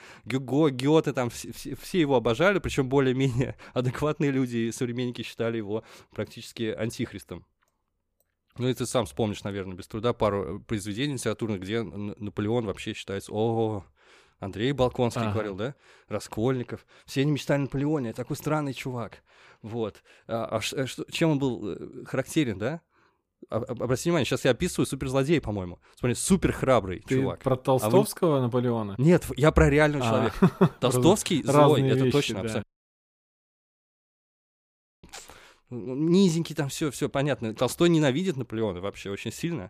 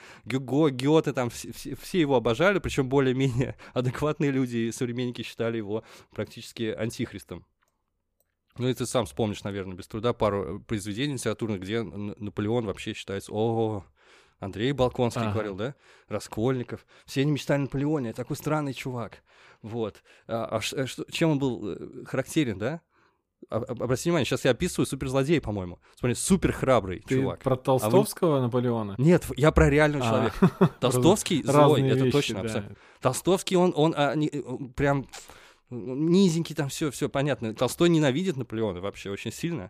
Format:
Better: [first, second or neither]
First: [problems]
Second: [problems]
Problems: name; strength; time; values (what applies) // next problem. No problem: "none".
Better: second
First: audio cutting out; at 33 s for 2.5 s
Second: none